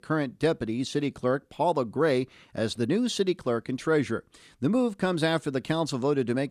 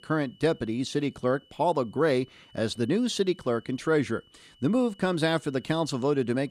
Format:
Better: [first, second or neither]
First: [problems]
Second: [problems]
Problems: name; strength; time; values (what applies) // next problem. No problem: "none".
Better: first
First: none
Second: high-pitched whine; faint; throughout; 3 kHz, 30 dB below the speech